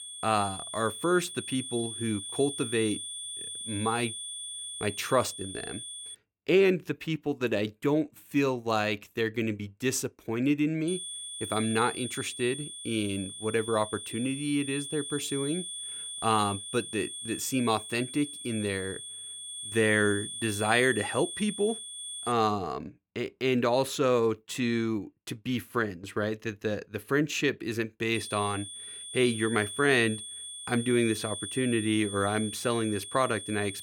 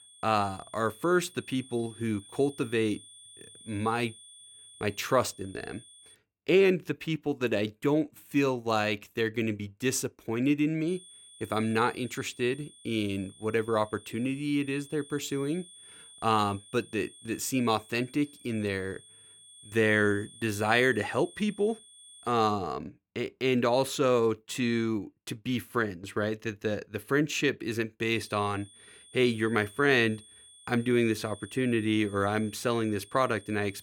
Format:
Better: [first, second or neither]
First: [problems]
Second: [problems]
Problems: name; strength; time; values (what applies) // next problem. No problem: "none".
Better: second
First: high-pitched whine; loud; until 6 s, from 11 to 22 s and from 28 s on; 3.5 kHz, 8 dB below the speech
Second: high-pitched whine; faint; until 6 s, from 11 to 22 s and from 28 s on; 3.5 kHz, 20 dB below the speech